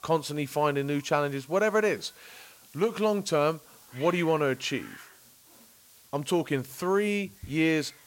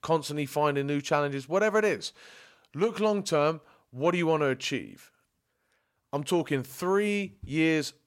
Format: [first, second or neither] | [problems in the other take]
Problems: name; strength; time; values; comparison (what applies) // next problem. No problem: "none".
second | hiss; faint; throughout; 20 dB below the speech